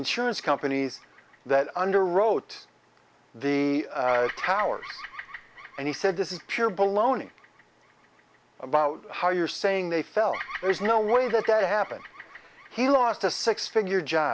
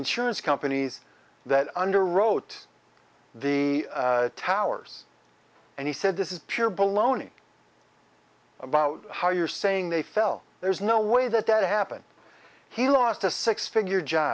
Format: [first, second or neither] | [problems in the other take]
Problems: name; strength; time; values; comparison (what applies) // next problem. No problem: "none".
second | background sound (Bird vocalization, bird call, bird song); 17 dB below the speech